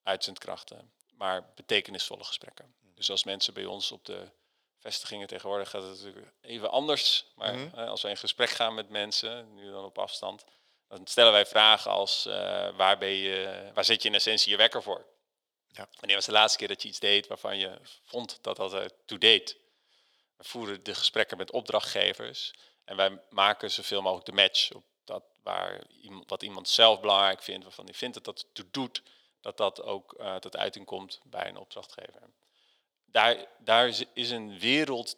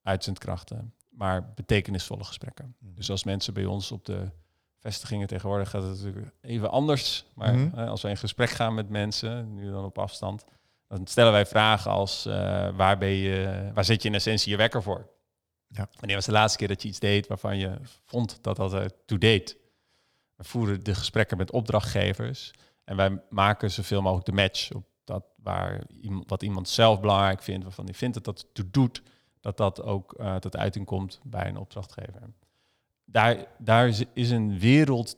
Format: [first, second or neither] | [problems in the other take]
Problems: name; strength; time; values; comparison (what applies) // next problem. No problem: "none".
second | thin; very; fading below 450 Hz